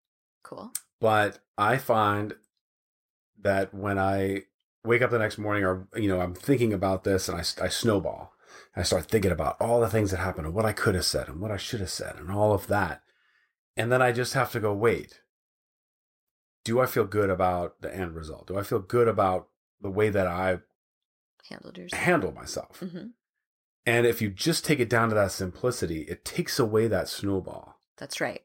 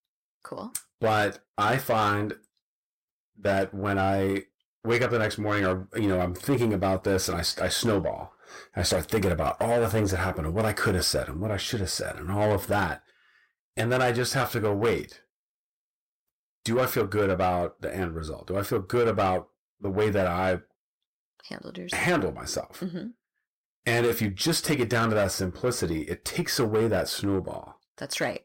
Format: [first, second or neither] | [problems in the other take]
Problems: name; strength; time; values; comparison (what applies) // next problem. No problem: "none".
first | distortion; slight; 10 dB below the speech